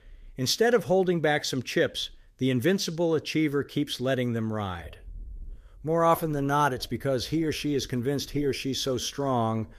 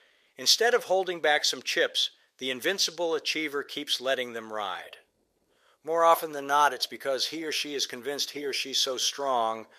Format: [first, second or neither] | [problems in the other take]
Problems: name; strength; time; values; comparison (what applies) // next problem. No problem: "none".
first | thin; very; fading below 650 Hz